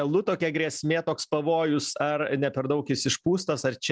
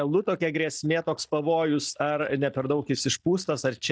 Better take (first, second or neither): first